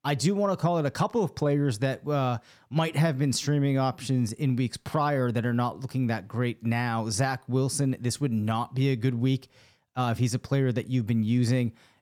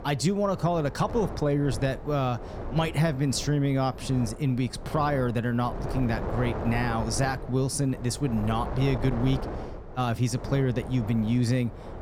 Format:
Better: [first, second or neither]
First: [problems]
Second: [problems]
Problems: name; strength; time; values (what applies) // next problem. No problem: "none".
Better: first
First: none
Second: wind noise on the microphone; heavy; 9 dB below the speech